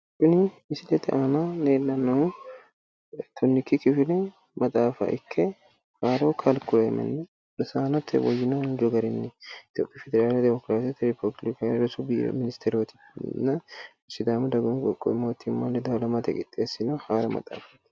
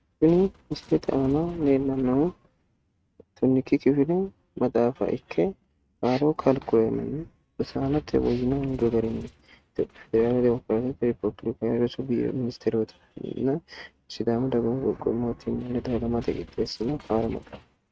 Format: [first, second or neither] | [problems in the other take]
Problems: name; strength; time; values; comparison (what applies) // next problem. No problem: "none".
first | noise reduction (neural mask model RNNoise)